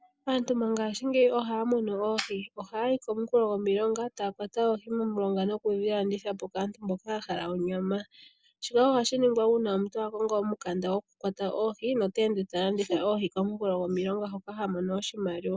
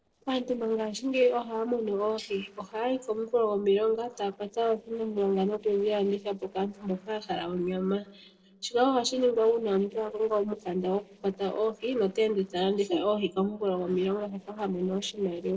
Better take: first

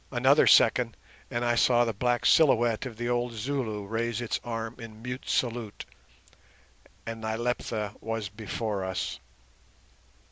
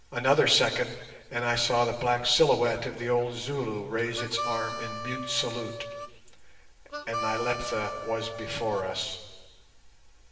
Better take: first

